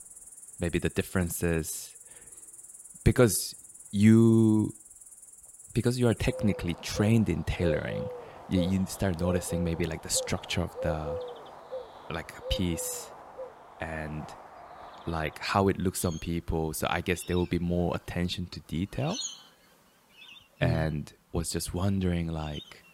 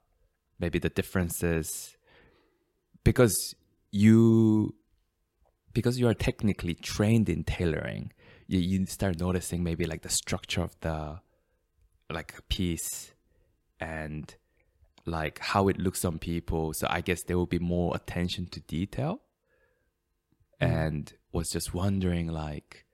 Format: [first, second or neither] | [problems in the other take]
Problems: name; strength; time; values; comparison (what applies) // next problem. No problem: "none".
second | animal sounds; noticeable; throughout; 15 dB below the speech